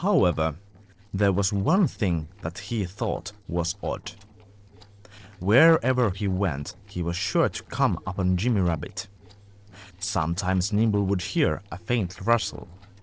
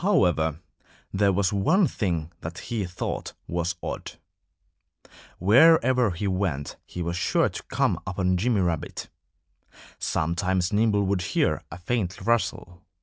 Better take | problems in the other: second | noise reduction (neural separator model SepFormer DNS4)

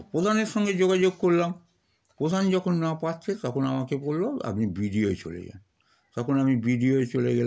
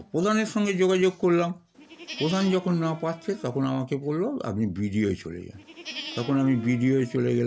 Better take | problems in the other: first | background sound (Livestock, farm animals, working animals); 15 dB below the speech

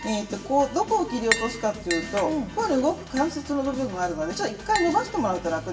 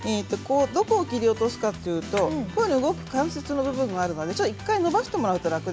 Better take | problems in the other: second | background sound (Tap); 11 dB below the speech // room echo; dies away in 0.6 s

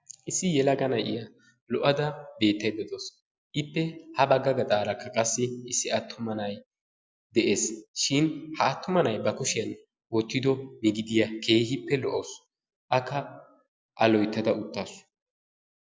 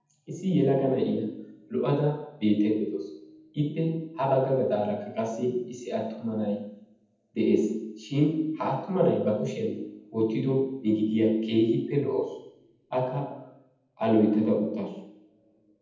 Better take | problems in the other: first | room echo; dies away in 0.8 s

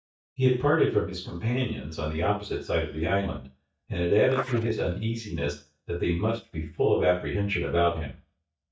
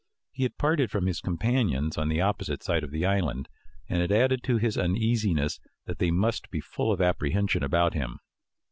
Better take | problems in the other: second | noise reduction (neural mask model DeepFilterNet 3)

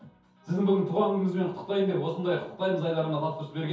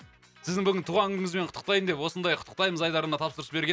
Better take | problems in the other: second | room echo; dies away in 0.6 s

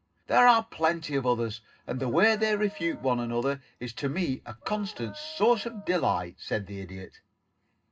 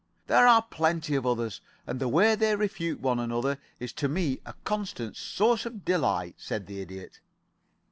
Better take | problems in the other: second | background sound (Dog); 20 dB below the speech // room echo; dies away in 0.2 s

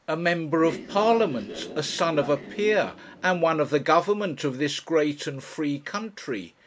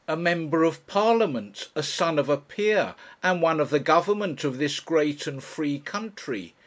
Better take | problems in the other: second | background sound (Train); 13 dB below the speech

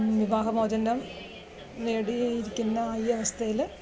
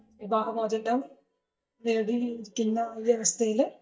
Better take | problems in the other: first | noise reduction (neural mask model DeepFilterNet 3)

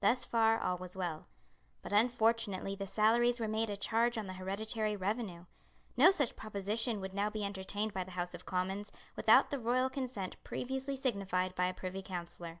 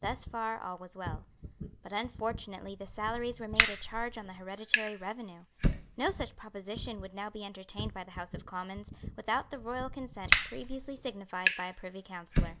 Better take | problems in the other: first | background sound (Fire); 2 dB above the speech

